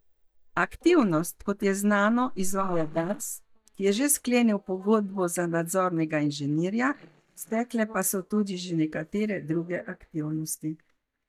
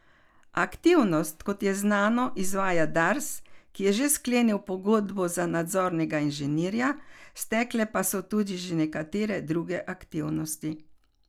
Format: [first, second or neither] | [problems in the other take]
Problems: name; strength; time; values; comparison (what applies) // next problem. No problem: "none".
second | noise reduction (neural mask model DeepFilterNet 3)